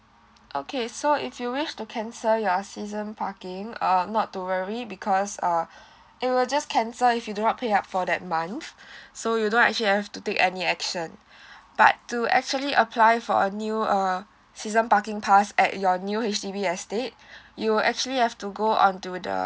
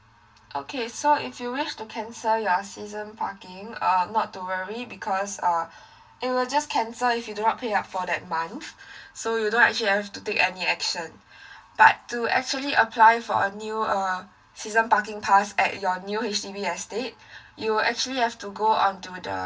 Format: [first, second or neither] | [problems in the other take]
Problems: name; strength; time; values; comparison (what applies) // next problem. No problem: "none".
first | room echo; dies away in 0.2 s